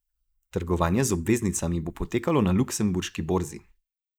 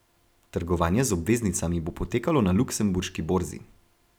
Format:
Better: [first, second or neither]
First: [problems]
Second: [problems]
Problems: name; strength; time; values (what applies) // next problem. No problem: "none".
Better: second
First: noise reduction (neural mask model Resemble Enhance denoiser)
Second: none